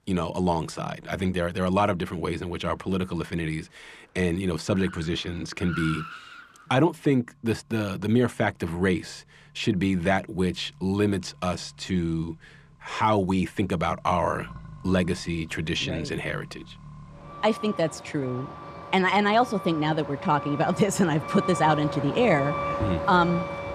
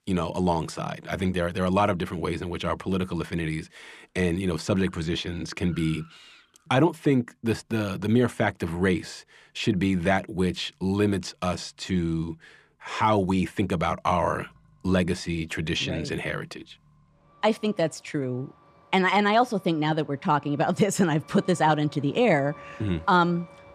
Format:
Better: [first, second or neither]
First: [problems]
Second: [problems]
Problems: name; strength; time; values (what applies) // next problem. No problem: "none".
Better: second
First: traffic noise; loud; throughout; 9 dB below the speech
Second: traffic noise; faint; throughout; 25 dB below the speech